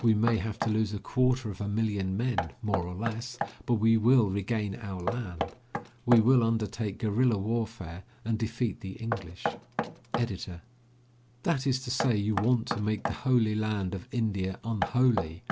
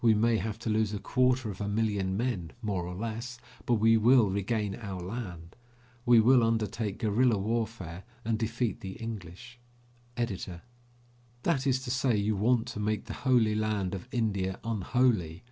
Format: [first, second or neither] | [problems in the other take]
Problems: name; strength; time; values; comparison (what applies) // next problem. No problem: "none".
second | background sound (Knock); 10 dB below the speech